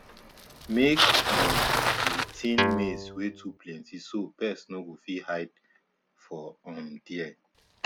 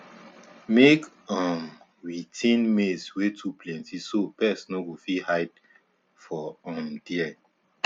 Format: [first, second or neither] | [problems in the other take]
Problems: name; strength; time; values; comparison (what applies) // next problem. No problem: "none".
second | background sound (Bicycle + Guitar); 2 dB above the speech